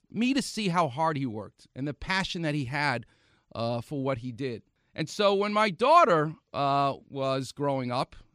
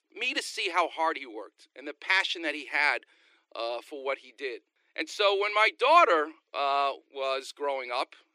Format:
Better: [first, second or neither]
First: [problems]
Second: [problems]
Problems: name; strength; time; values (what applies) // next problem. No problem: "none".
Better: first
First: none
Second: thin; very; fading below 300 Hz